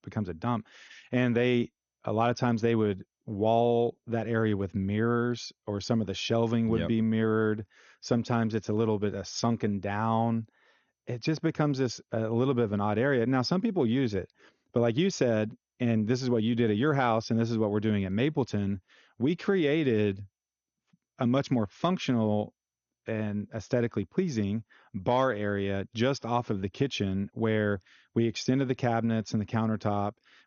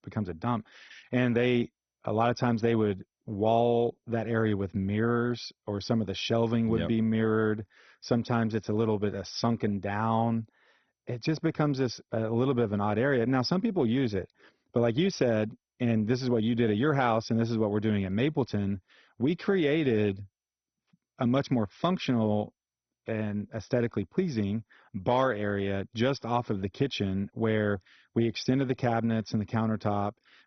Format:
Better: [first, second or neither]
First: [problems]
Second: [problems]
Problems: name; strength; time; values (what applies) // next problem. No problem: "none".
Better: first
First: garbled, watery; slightly; nothing above 6.5 kHz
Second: garbled, watery; badly; nothing above 6 kHz